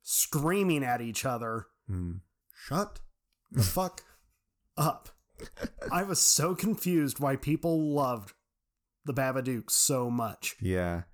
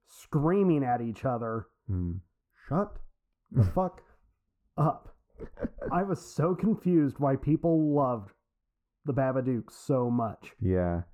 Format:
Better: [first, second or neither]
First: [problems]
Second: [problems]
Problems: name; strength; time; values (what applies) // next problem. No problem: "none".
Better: first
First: none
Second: muffled; very; fading above 2.5 kHz